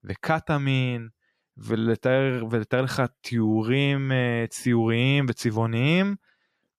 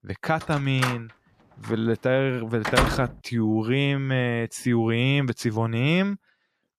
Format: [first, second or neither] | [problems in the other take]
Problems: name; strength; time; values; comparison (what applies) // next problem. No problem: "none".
first | door banging; loud; from 0.5 to 3 s; peak 1 dB above the speech